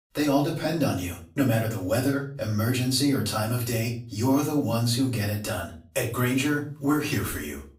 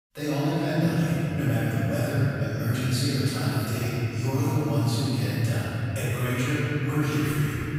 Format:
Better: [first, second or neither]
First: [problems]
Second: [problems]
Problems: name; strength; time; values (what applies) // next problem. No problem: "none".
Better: first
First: room echo; slight; dies away in 0.3 s // off-mic speech; far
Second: room echo; strong; dies away in 3 s // off-mic speech; far